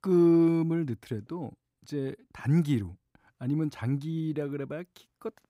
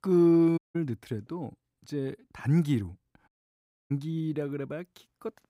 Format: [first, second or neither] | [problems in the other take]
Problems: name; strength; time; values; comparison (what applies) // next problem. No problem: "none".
first | audio cutting out; at 0.5 s and at 3.5 s for 0.5 s